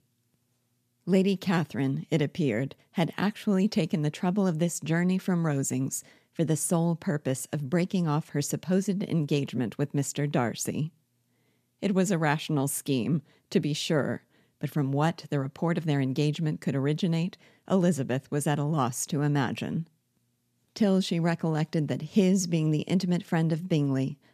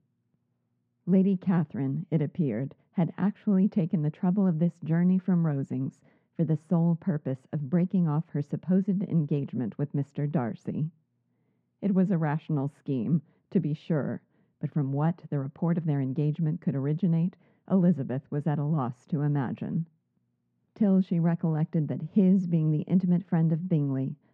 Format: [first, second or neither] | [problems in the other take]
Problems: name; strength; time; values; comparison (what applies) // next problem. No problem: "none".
first | muffled; very; fading above 1.5 kHz